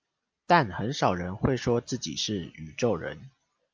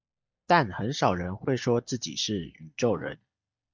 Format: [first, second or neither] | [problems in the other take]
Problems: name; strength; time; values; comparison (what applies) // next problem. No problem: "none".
first | noise reduction (neural mask model DeepFilterNet 3)